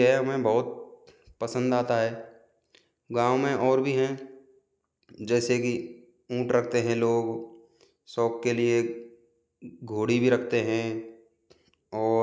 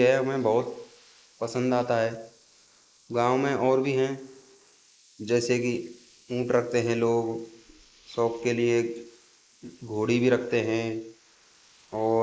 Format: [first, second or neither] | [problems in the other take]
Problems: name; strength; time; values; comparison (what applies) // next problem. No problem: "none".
first | noise reduction (neural mask model Resemble Enhance denoiser)